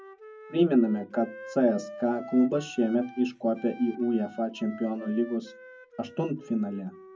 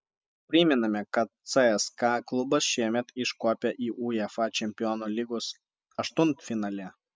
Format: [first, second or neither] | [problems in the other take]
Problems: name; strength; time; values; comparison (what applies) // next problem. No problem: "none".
second | background sound (Wind instrument, woodwind instrument); 18 dB below the speech // room echo; dies away in 0.3 s